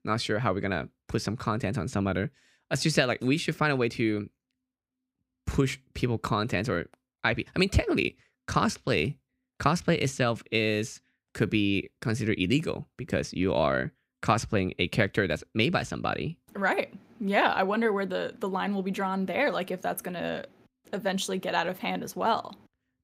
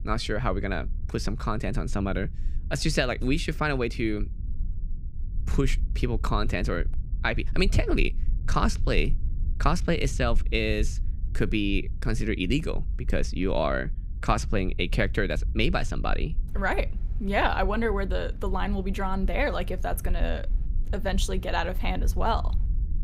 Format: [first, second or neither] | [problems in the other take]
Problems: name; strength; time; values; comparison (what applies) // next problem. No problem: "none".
first | low rumble; faint; throughout; 25 dB below the speech